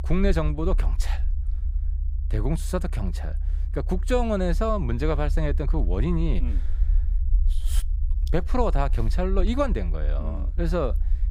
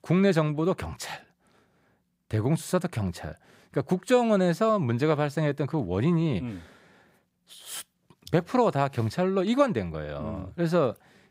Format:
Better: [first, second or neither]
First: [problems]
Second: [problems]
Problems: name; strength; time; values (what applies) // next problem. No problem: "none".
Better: second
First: low rumble; faint; throughout; 20 dB below the speech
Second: none